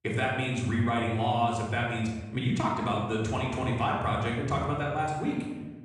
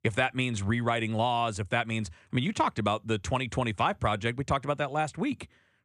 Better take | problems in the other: second | off-mic speech; far // room echo; noticeable; dies away in 1.3 s

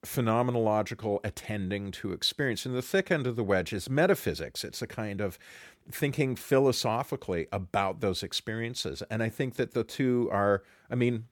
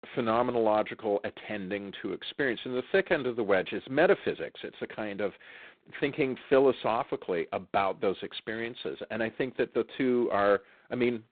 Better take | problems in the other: first | phone-call audio; poor line; nothing above 4 kHz

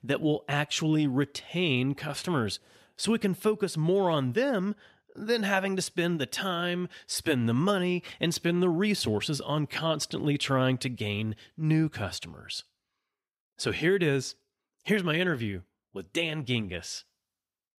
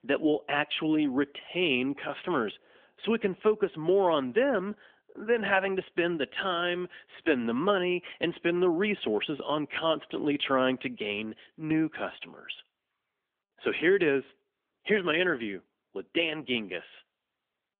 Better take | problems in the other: first | phone-call audio; nothing above 3.5 kHz

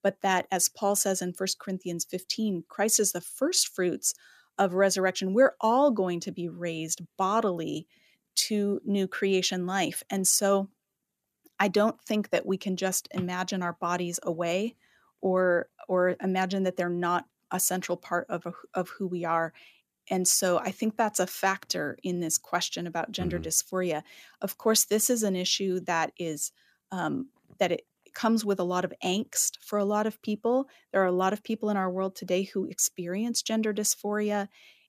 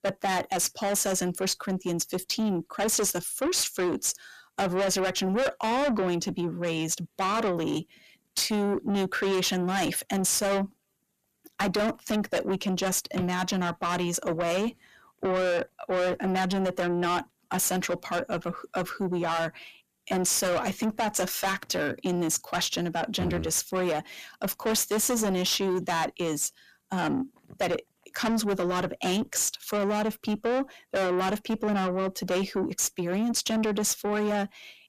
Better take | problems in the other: first | distortion; heavy; 6 dB below the speech

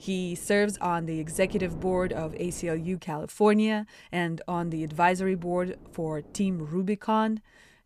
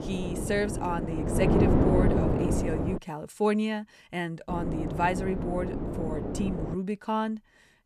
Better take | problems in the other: first | wind noise on the microphone; heavy; until 3 s and from 4.5 to 7 s; 1 dB below the speech; occasional gusts in the first

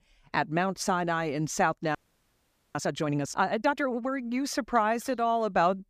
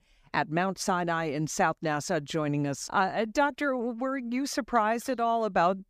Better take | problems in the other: second | audio freezing; at 2 s for 1 s

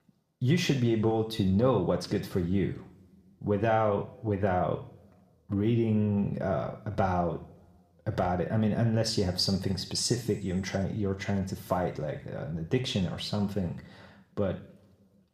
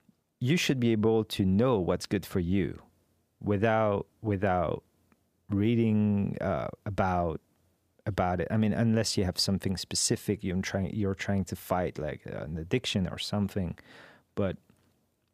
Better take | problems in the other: second | room echo; slight; dies away in 0.5 s

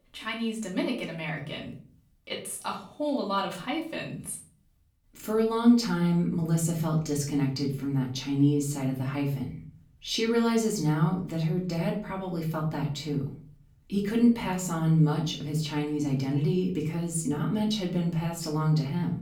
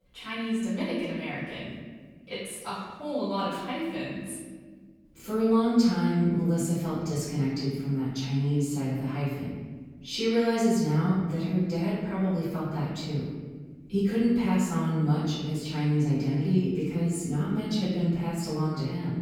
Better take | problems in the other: first | room echo; strong; dies away in 1.6 s; slight in the first // off-mic speech; far; far in the first

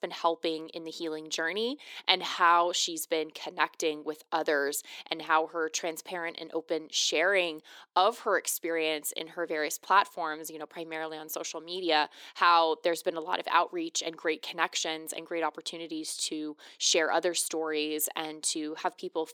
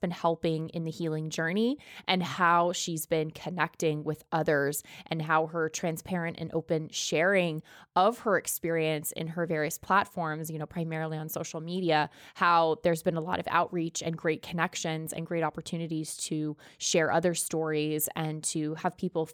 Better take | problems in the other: second | thin; very; fading below 300 Hz

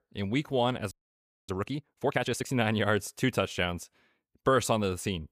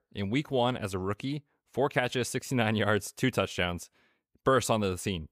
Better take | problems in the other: second | audio freezing; at 1 s for 0.5 s

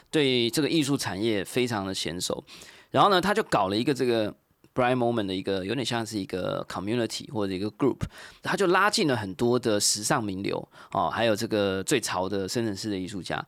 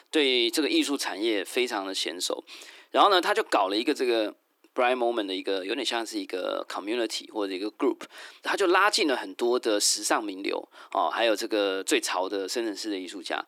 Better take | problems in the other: first | thin; very slightly; fading below 300 Hz

